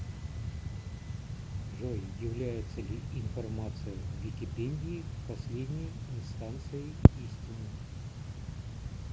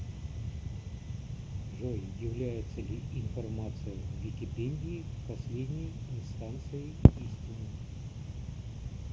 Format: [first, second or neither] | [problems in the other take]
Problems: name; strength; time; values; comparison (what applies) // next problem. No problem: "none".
first | room echo; dies away in 1.3 s